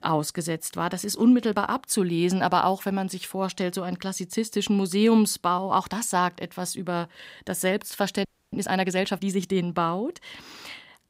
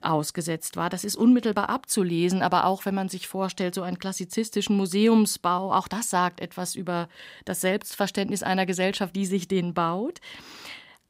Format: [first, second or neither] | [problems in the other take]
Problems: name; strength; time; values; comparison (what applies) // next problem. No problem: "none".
second | audio freezing; at 8.5 s